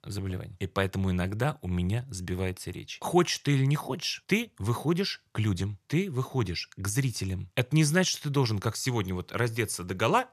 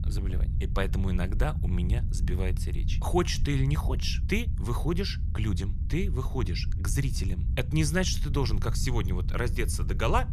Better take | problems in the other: first | low rumble; noticeable; throughout; 15 dB below the speech

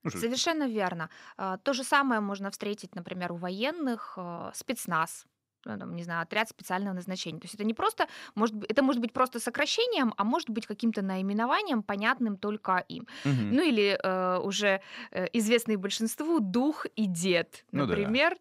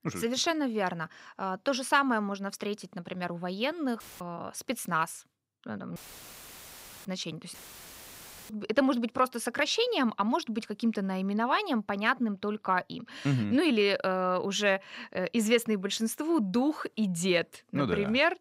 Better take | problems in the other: first | audio cutting out; filled with static; at 4 s, at 6 s for 1 s and at 7.5 s for 1 s

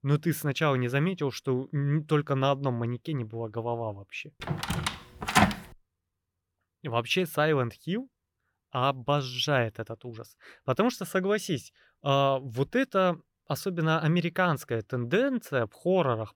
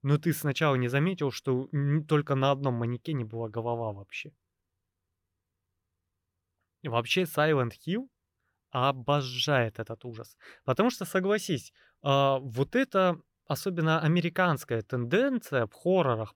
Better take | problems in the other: second | door banging; loud; from 4.5 to 5.5 s; peak 5 dB above the speech

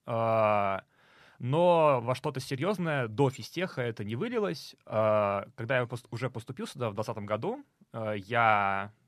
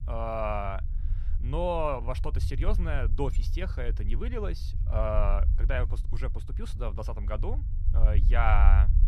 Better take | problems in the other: first | low rumble; noticeable; throughout; 15 dB below the speech

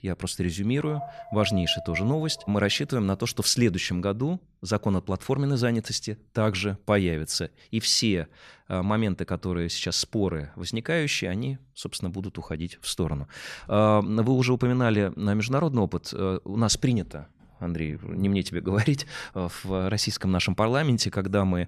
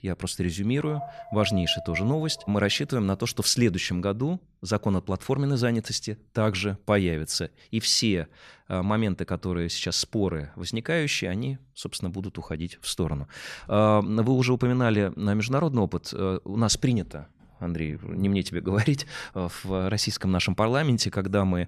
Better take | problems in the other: neither | dog barking; noticeable; from 1 to 2.5 s; peak 10 dB below the speech; the same in both

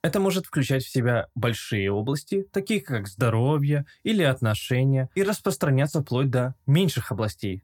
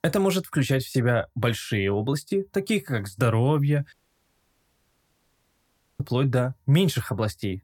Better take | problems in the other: first | audio cutting out; at 4 s for 2 s

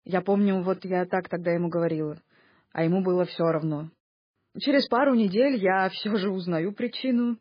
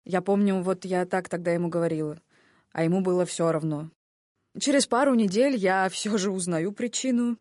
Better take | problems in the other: second | garbled, watery; badly; slightly in the second

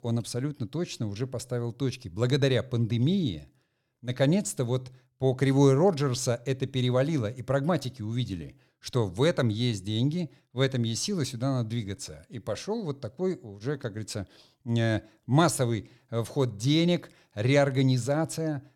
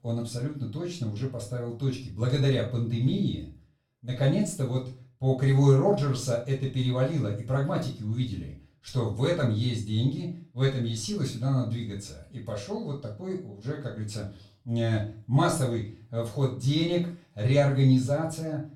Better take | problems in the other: first | off-mic speech; far // room echo; slight; dies away in 0.3 s

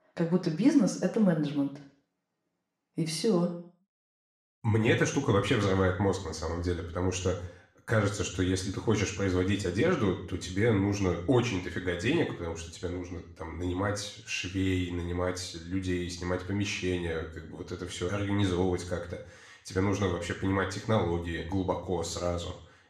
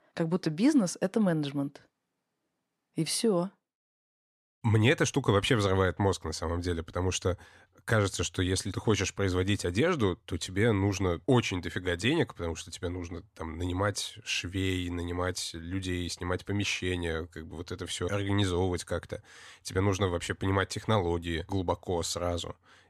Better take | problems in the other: second | room echo; slight; dies away in 0.5 s // off-mic speech; somewhat distant

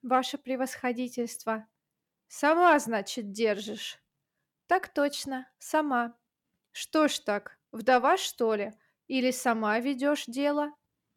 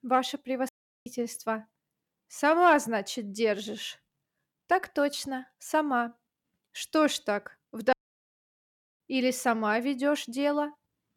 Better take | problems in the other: first | audio cutting out; at 0.5 s and at 8 s for 1 s

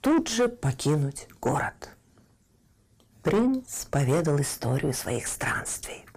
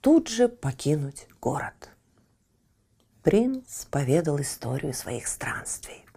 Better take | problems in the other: second | distortion; heavy; 6 dB below the speech

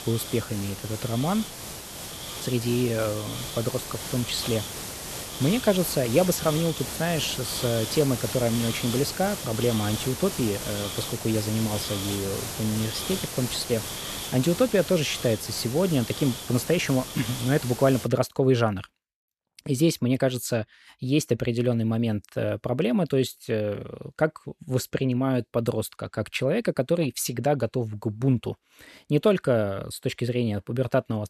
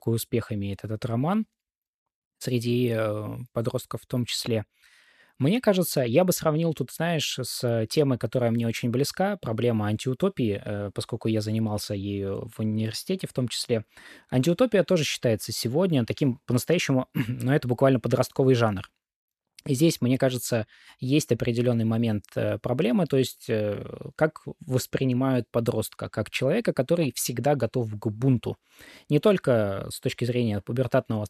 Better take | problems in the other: second | hiss; loud; until 18 s; 7 dB below the speech

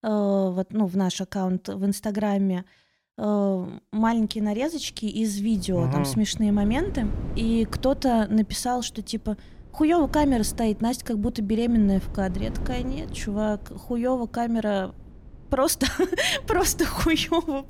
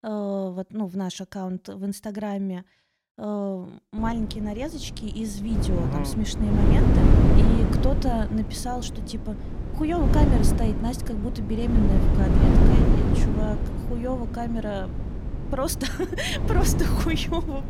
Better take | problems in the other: first | wind noise on the microphone; heavy; from 4 s on; as loud as the speech; occasional gusts in the first

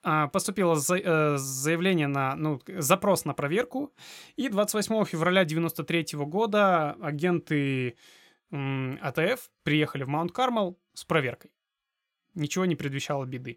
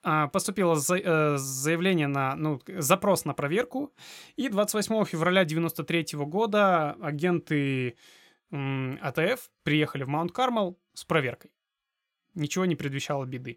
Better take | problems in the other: neither | none

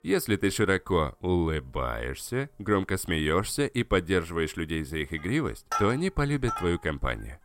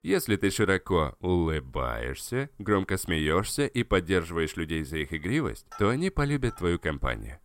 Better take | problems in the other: second | background music; loud; throughout; 7 dB below the speech; faint in the second

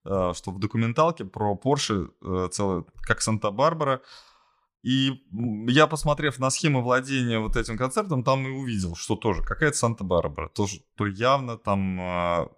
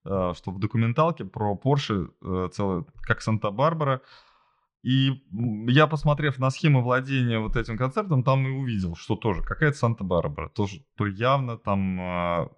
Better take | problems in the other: first | muffled; slightly; fading above 3 kHz

